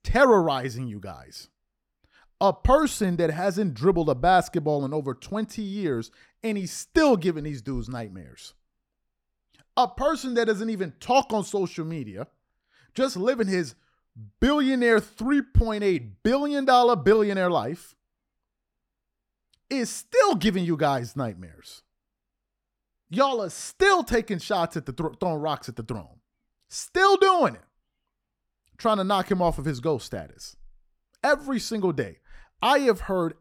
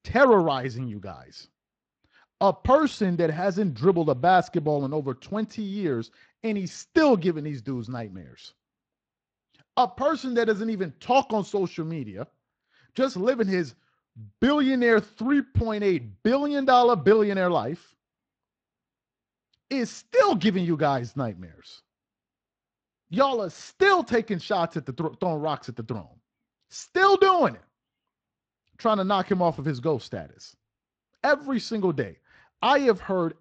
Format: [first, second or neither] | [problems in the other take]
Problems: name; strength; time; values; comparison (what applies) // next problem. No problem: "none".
first | garbled, watery; slightly; nothing above 7.5 kHz